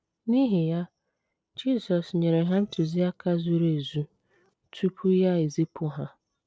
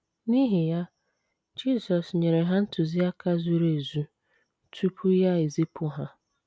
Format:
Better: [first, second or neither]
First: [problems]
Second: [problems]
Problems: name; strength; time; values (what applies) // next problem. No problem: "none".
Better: second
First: noise reduction (neural separator model SepFormer DNS4)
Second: none